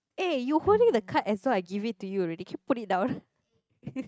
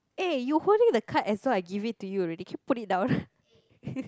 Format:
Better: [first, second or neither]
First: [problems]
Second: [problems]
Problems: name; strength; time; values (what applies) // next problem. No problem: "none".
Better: second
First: noise reduction (neural mask model RNNoise)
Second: none